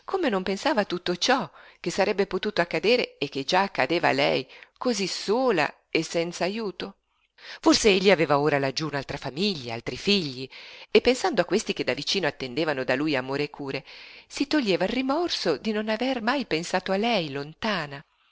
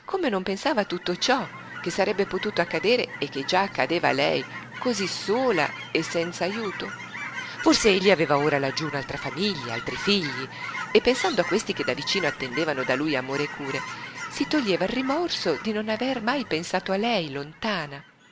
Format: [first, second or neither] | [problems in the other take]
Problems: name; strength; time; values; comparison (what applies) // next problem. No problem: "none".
first | background sound (Chirp, tweet / Fowl); 11 dB below the speech